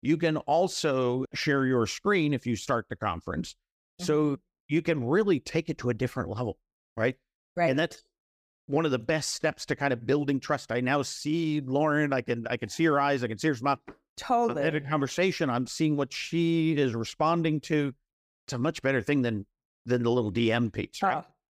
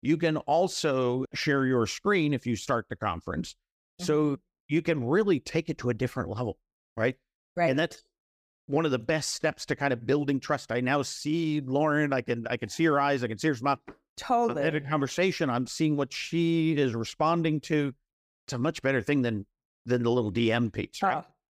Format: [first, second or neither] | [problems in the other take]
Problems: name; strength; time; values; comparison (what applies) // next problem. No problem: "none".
neither | none